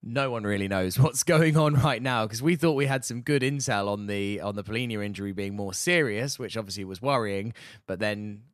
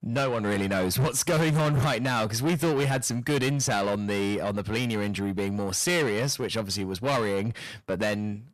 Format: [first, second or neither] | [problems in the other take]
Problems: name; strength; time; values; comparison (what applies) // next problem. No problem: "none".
first | distortion; heavy; 6 dB below the speech